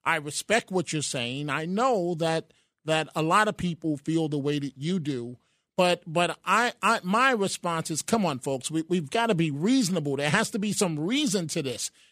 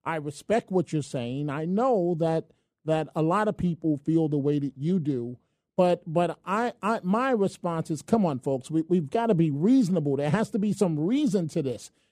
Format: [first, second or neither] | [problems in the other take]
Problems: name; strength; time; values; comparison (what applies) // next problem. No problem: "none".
first | muffled; slightly; fading above 1 kHz